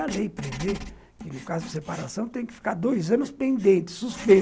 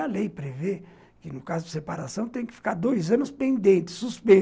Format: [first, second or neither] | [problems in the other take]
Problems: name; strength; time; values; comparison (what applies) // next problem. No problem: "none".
second | background sound (Writing); 15 dB below the speech